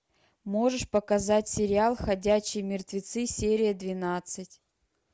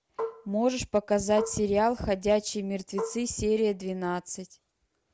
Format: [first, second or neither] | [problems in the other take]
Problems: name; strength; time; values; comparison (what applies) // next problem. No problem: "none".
first | background sound (Marimba, xylophone); 11 dB below the speech